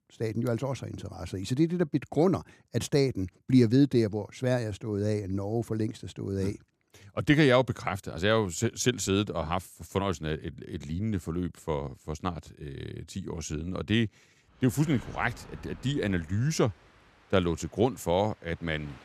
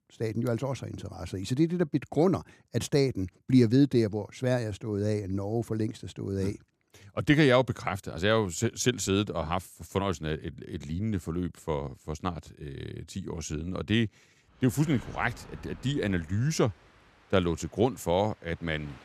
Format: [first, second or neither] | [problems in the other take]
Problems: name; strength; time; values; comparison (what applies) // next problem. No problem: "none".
neither | train or aircraft noise; faint; from 15 s on; 25 dB below the speech; the same in both